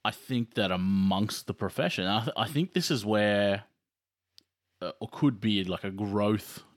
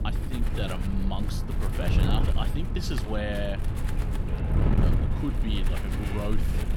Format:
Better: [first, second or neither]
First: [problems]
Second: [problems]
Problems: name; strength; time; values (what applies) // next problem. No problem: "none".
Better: first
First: none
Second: wind noise on the microphone; heavy; 2 dB below the speech